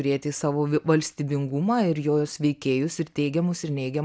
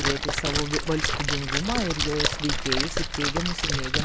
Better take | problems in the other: first | background sound (Splash, splatter); 3 dB above the speech

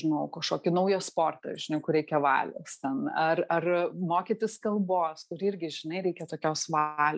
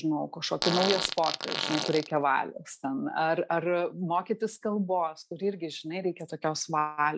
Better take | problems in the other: first | background sound (Fart); 3 dB below the speech

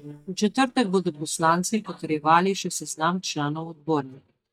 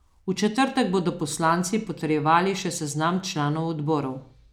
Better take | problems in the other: second | noise reduction (neural mask model DeepFilterNet 3)

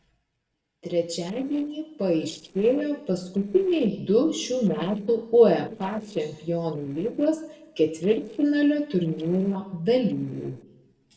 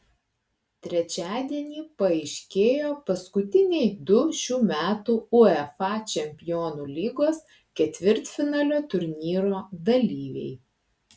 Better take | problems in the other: second | noise reduction (neural separator model SepFormer DNS4)

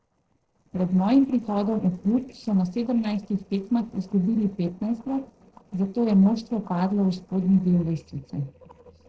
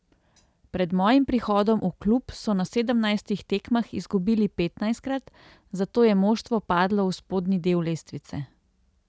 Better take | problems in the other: second | noise reduction (neural separator model SepFormer DNS4)

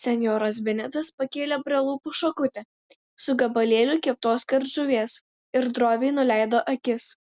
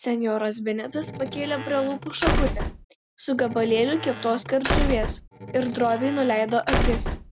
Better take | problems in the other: first | background sound (Squeak / Slam / Wood); 2 dB below the speech

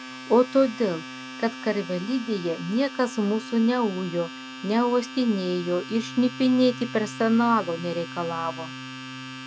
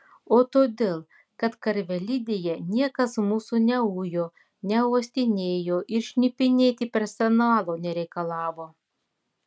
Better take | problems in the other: second | background sound (Domestic sounds, home sounds); 13 dB below the speech

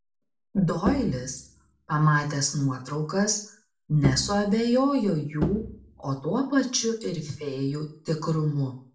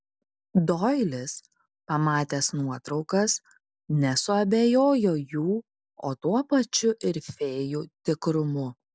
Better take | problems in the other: second | background sound (Bowed string instrument); 8 dB below the speech // room echo; dies away in 0.4 s

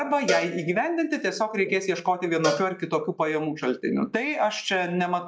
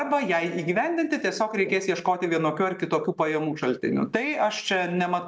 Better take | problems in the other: second | noise reduction (classical method log-MMSE)

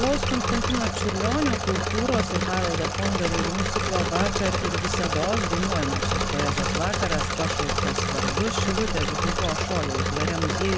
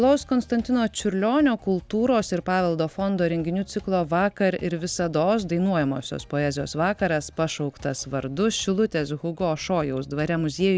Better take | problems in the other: second | background sound (Engine / Mechanisms); 3 dB above the speech

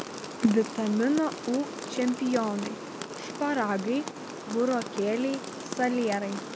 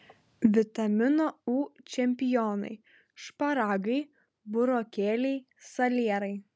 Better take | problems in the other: second | background sound (Rain); 9 dB below the speech

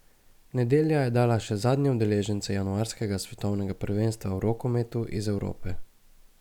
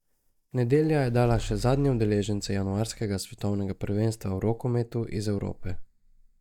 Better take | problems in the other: first | noise reduction (neural mask model DeepFilterNet 3)

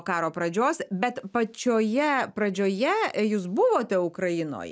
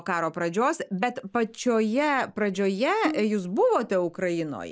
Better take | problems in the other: first | noise reduction (neural mask model Resemble Enhance denoiser)

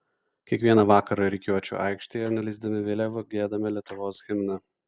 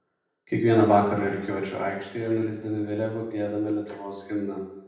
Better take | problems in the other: first | room echo; dies away in 0.8 s

